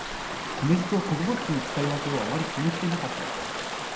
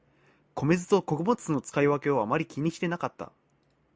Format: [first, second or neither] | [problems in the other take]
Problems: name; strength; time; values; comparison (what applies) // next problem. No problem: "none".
second | background sound (Stream / Ocean); 4 dB below the speech // room echo; dies away in 0.8 s